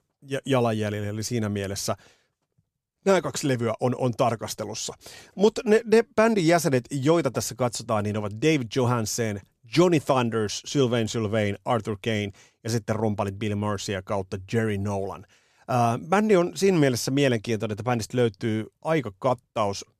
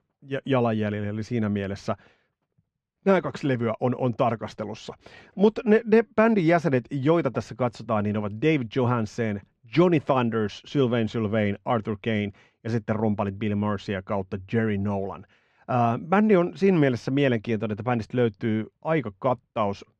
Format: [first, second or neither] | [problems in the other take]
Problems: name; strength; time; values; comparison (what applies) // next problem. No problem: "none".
first | muffled; slightly; fading above 2.5 kHz